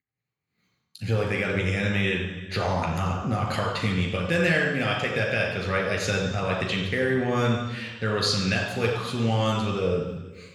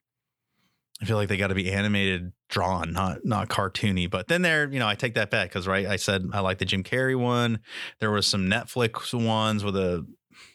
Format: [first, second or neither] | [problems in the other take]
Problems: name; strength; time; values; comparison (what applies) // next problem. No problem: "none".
second | room echo; noticeable; dies away in 1.2 s // off-mic speech; somewhat distant